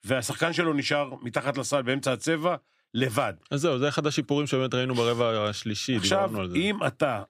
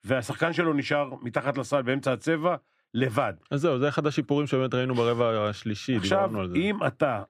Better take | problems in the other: first | muffled; slightly; fading above 3 kHz

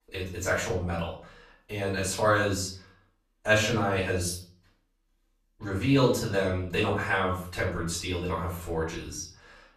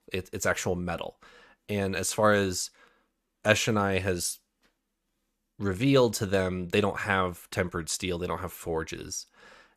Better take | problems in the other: second | off-mic speech; far // room echo; noticeable; dies away in 0.4 s

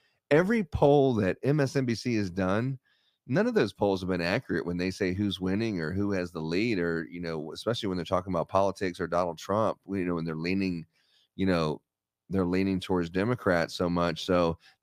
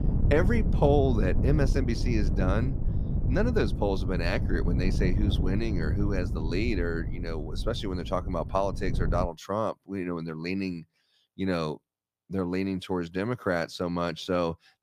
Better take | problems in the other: first | wind noise on the microphone; occasional gusts; until 9.5 s; 10 dB below the speech

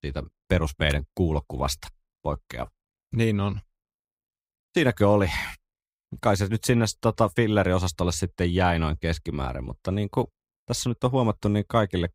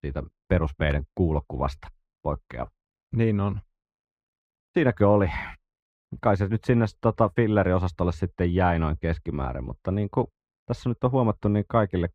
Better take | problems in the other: first | muffled; very; fading above 4 kHz

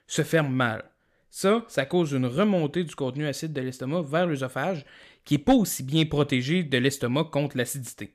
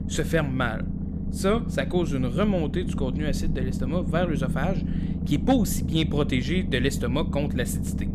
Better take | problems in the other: first | low rumble; loud; throughout; 9 dB below the speech

